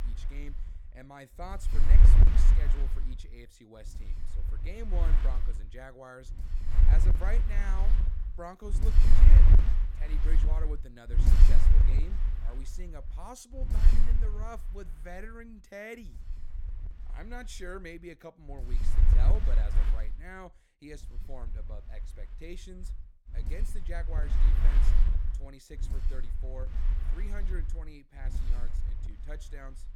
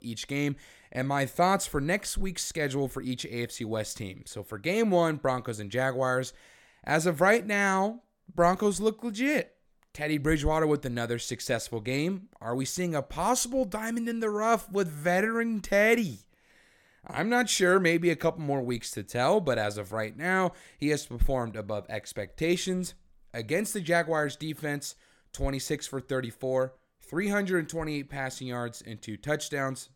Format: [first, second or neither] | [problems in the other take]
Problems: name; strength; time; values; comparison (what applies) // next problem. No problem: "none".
second | wind noise on the microphone; heavy; as loud as the speech